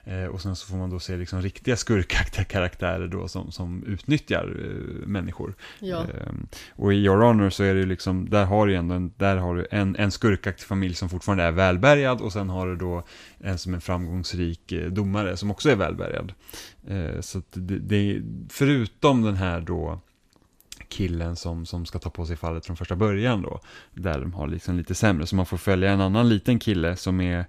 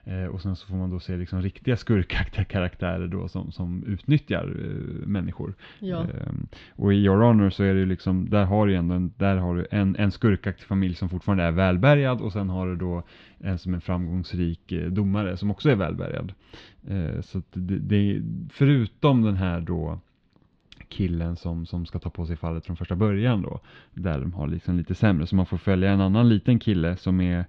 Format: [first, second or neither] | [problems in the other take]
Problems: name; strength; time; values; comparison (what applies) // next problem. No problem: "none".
first | muffled; slightly; fading above 3.5 kHz